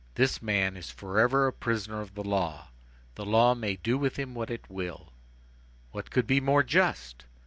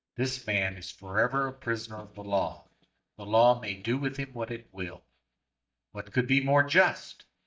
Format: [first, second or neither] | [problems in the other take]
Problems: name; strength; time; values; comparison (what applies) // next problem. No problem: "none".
first | noise reduction (neural mask model DeepFilterNet 3)